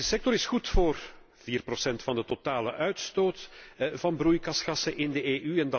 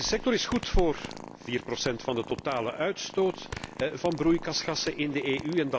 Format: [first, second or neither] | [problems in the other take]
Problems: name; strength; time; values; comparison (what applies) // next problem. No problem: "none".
first | background sound (Purr + Fart); 14 dB below the speech